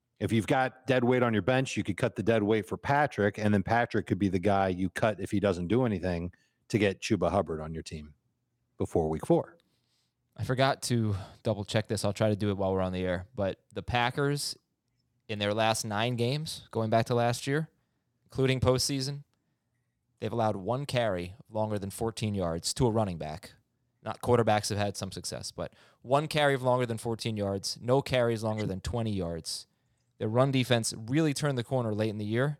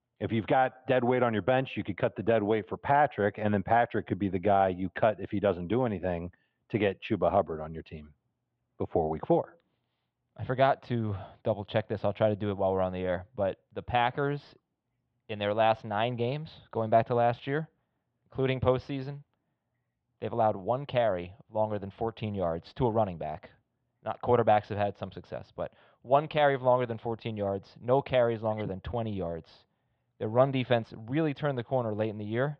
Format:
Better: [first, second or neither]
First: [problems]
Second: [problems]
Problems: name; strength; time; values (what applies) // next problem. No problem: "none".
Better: first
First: none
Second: muffled; very; fading above 3.5 kHz